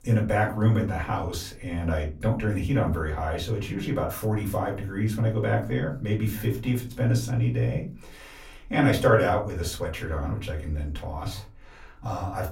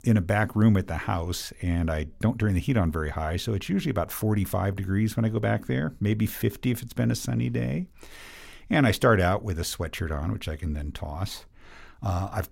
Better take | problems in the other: second | off-mic speech; far // room echo; very slight; dies away in 0.3 s

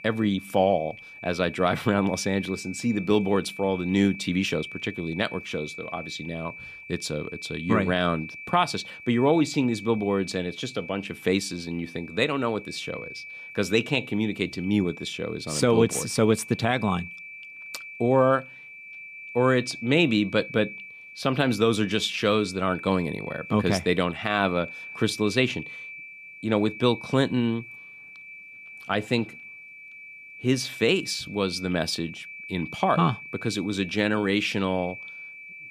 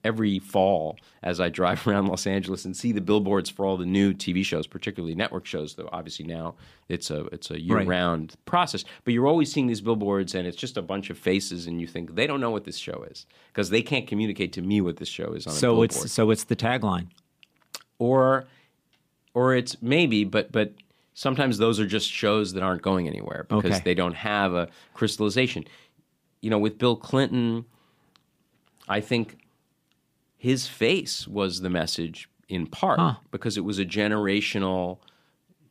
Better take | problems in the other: second | high-pitched whine; noticeable; throughout; 2.5 kHz, 15 dB below the speech

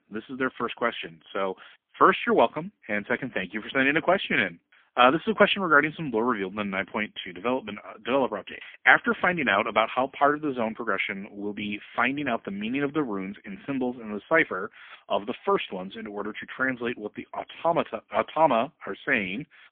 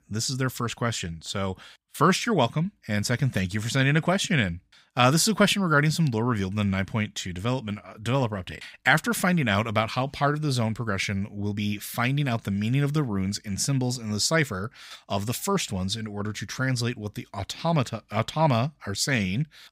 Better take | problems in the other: second | phone-call audio; poor line; nothing above 3.5 kHz

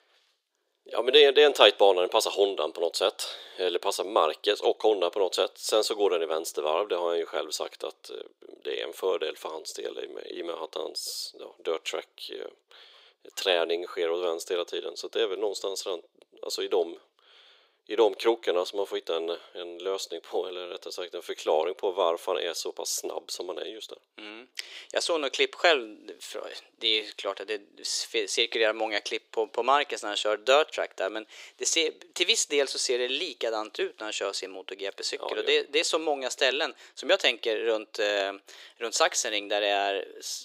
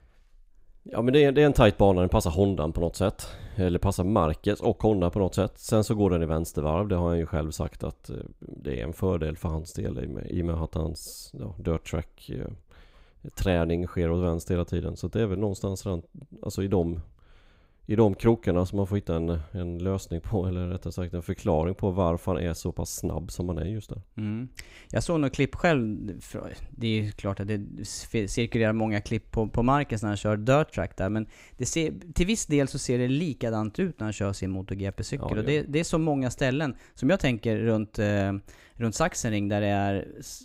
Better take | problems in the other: second | thin; very; fading below 400 Hz

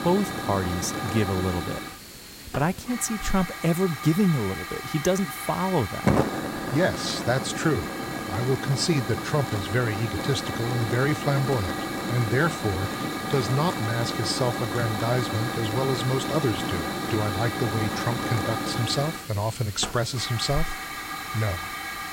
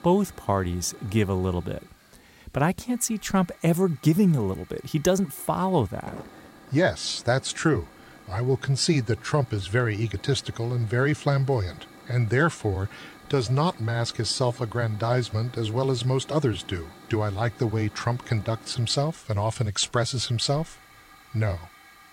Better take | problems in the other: second | hiss; loud; throughout; 3 dB below the speech; faint in the second

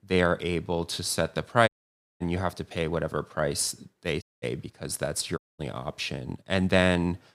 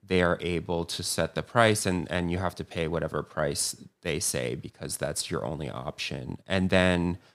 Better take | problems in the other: second | audio cutting out; at 1.5 s for 0.5 s, at 4 s and at 5.5 s

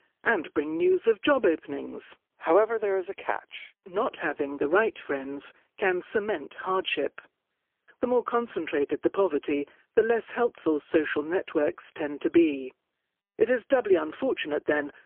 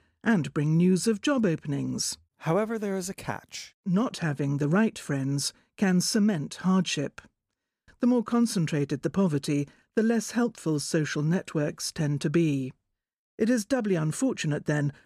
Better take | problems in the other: second | phone-call audio; poor line; nothing above 3.5 kHz

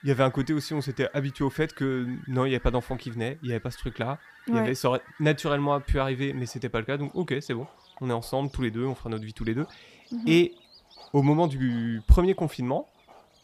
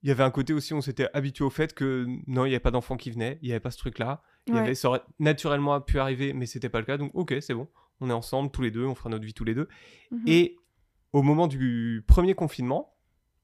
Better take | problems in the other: second | animal sounds; faint; throughout; 25 dB below the speech

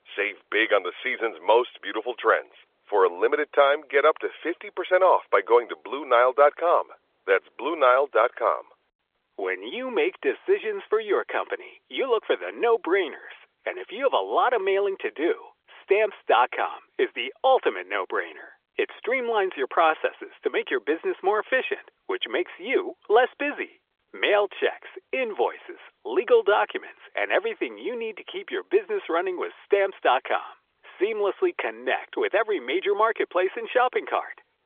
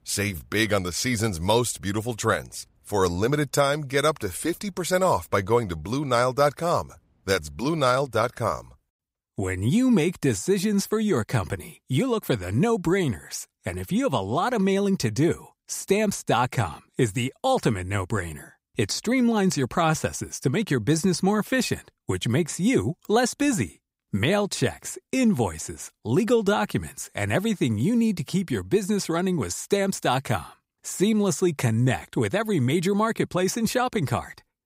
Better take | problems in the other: second | phone-call audio; nothing above 3.5 kHz

